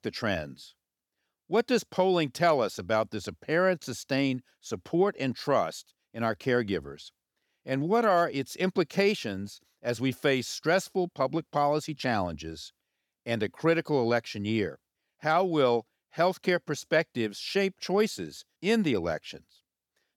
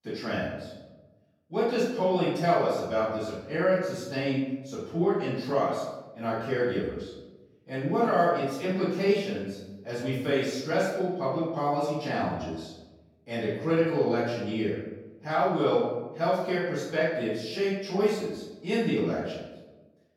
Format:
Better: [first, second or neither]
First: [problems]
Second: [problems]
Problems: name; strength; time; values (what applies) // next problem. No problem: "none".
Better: first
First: none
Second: off-mic speech; far // room echo; noticeable; dies away in 1 s